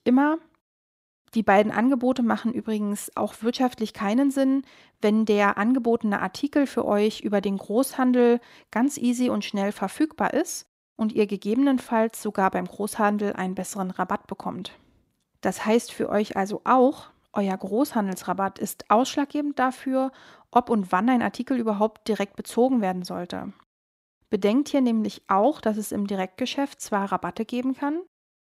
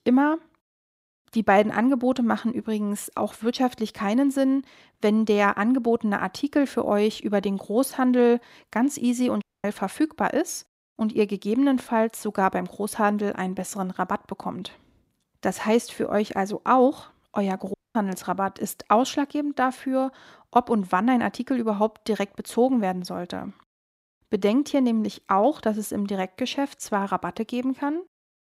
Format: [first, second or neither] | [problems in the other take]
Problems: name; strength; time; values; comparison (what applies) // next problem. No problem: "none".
first | audio cutting out; at 9.5 s and at 18 s